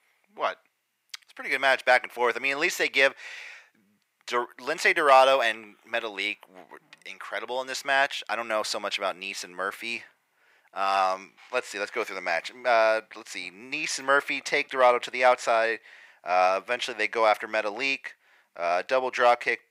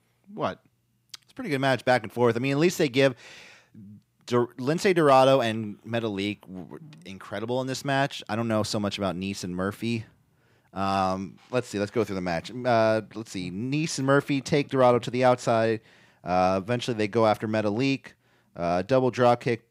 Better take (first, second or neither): second